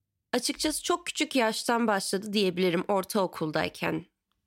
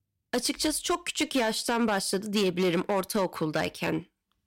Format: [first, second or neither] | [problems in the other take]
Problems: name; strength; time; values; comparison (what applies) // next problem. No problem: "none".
first | distortion; slight; 8% of the sound clipped